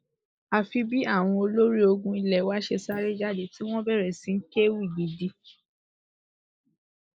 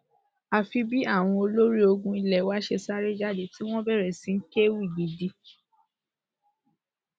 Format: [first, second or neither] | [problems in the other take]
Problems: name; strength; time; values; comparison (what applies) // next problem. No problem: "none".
second | noise reduction (neural mask model Resemble Enhance denoiser)